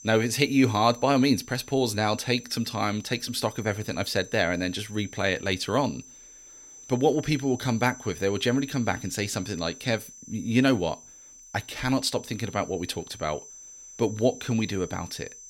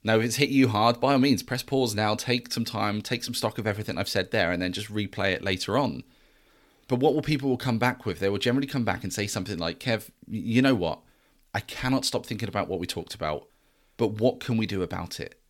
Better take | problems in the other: second | high-pitched whine; noticeable; throughout; 6 kHz, 20 dB below the speech

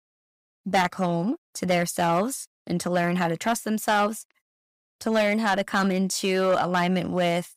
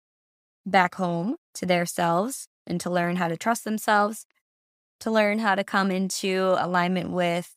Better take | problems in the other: second | distortion; slight; 4% of the sound clipped

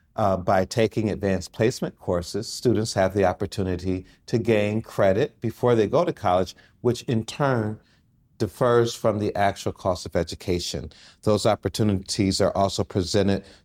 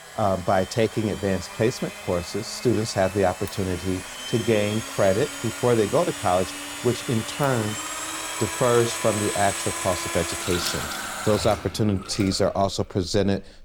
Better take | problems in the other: first | household noises; loud; throughout; 7 dB below the speech

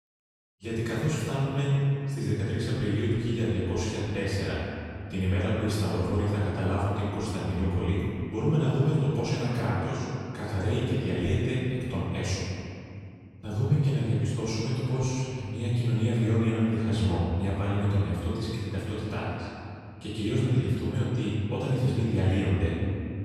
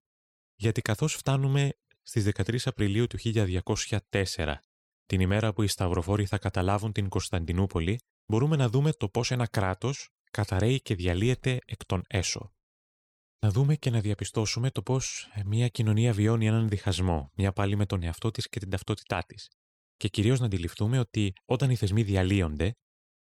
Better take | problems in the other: second | off-mic speech; far // room echo; strong; dies away in 2.4 s

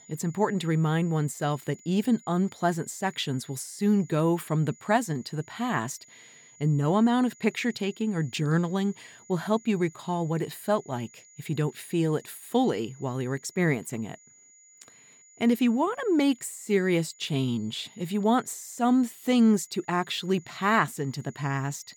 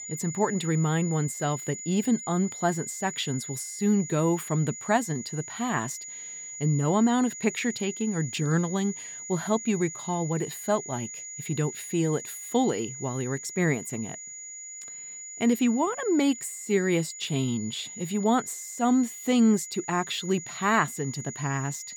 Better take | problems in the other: first | high-pitched whine; loud; throughout; 7 kHz, 10 dB below the speech; faint in the first

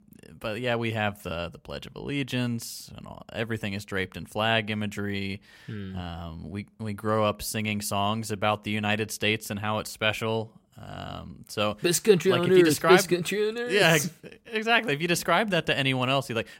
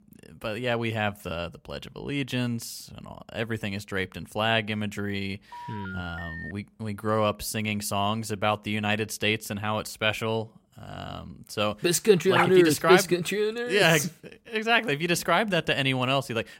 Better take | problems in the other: first | phone ringing; faint; at 5.5 s; peak 10 dB below the speech // dog barking; noticeable; at 12 s; peak 1 dB below the speech

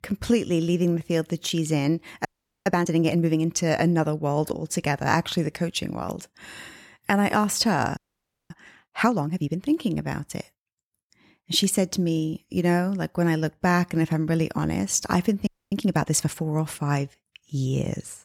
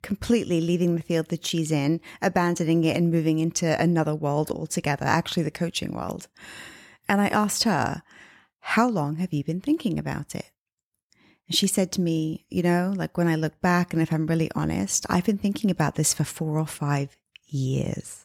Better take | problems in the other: second | audio freezing; at 2.5 s, at 8 s for 0.5 s and at 15 s

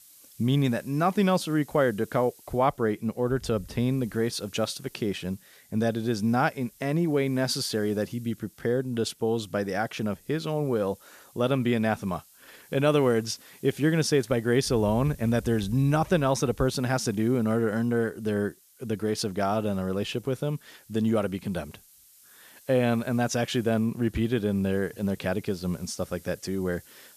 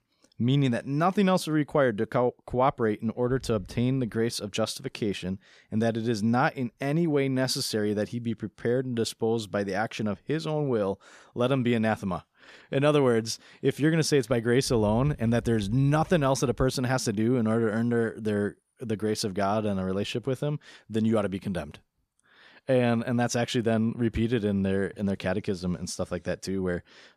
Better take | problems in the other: second | hiss; faint; throughout; 25 dB below the speech

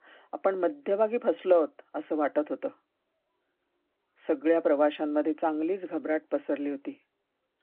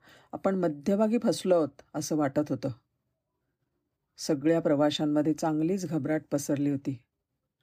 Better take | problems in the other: second | phone-call audio

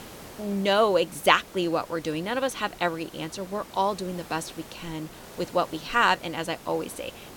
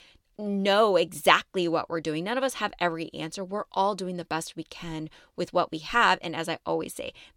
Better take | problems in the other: second | hiss; noticeable; throughout; 20 dB below the speech

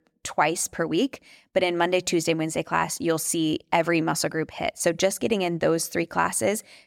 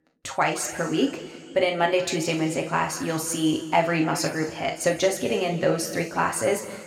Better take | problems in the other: first | room echo; slight; dies away in 1.8 s // off-mic speech; somewhat distant

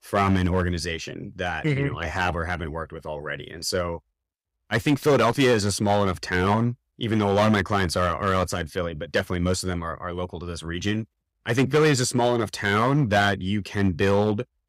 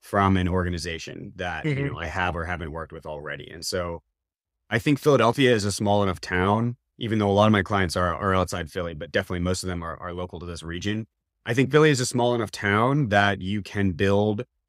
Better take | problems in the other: second | distortion; slight; 4% of the sound clipped

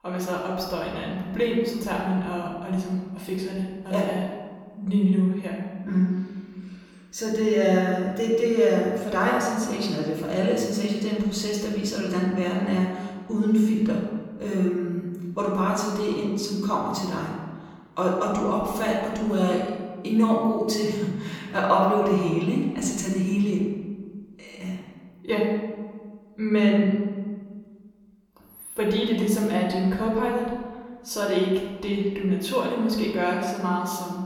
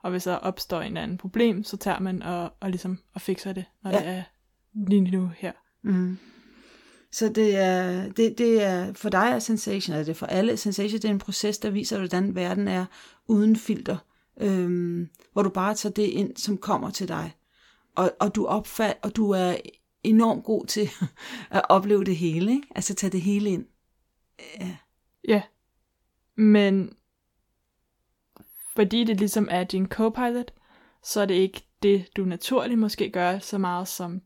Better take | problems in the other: second | room echo; noticeable; dies away in 1.3 s // off-mic speech; far

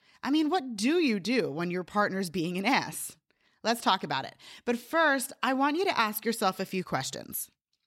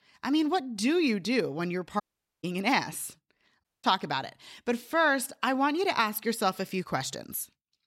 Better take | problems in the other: first | audio cutting out; at 2 s and at 3.5 s

